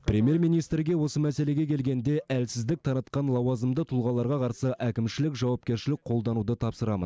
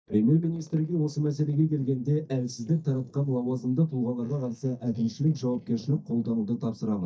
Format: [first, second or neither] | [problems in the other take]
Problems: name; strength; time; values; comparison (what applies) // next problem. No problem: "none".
first | noise reduction (neural mask model DeepFilterNet 3)